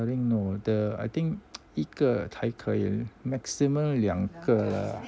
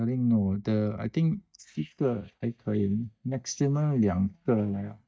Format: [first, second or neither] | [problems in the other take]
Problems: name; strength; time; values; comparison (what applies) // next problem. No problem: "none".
first | noise reduction (neural mask model DeepFilterNet 3)